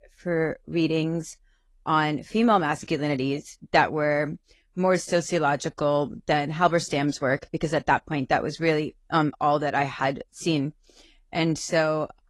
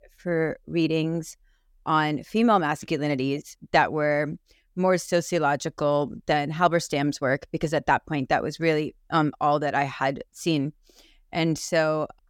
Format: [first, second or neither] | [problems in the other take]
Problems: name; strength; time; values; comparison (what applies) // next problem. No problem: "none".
second | garbled, watery; slightly; nothing above 11.5 kHz